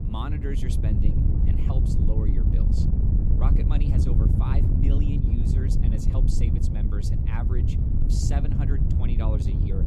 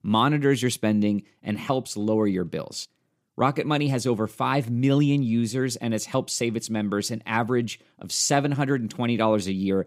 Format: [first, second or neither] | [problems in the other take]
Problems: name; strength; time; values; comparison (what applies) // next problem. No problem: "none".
second | wind noise on the microphone; heavy; 2 dB above the speech